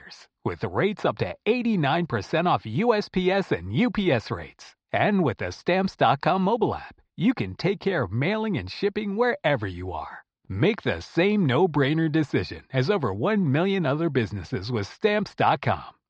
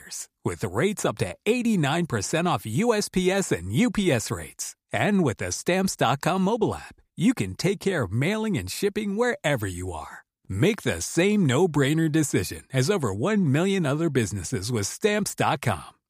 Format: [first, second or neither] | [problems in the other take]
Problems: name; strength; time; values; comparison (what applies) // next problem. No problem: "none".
second | muffled; slightly; fading above 4.5 kHz